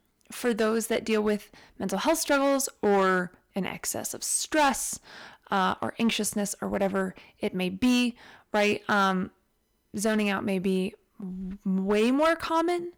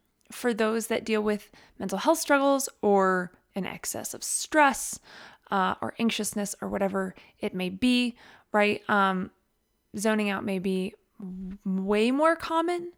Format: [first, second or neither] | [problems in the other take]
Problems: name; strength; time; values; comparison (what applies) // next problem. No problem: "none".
second | distortion; slight; 4% of the sound clipped